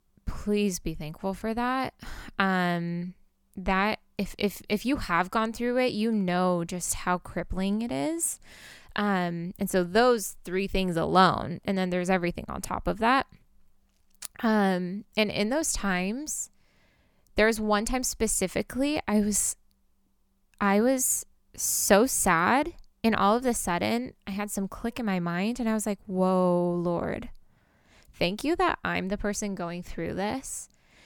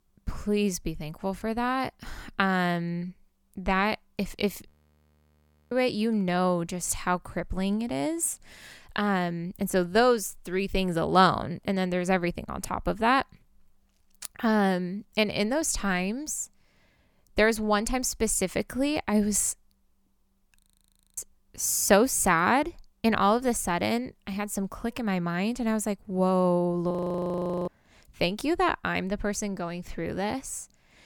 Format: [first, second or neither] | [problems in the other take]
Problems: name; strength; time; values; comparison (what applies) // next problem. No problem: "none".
first | audio freezing; at 4.5 s for 1 s, at 21 s for 0.5 s and at 27 s for 1 s